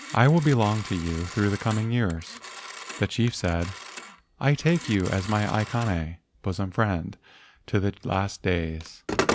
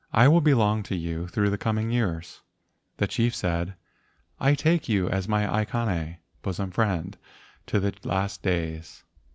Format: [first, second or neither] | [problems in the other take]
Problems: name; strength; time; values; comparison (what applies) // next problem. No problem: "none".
second | background sound (Telephone); 11 dB below the speech